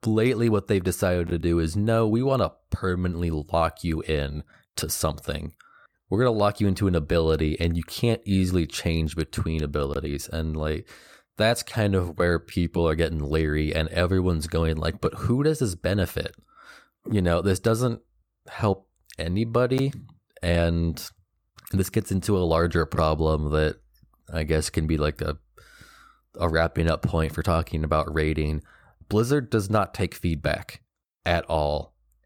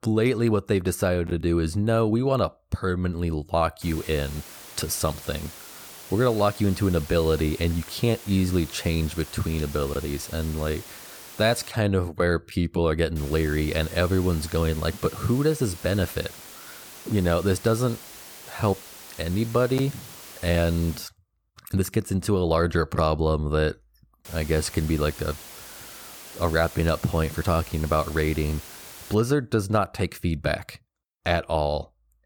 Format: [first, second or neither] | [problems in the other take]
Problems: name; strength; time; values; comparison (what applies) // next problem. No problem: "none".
first | hiss; noticeable; from 4 to 12 s, from 13 to 21 s and from 24 to 29 s; 15 dB below the speech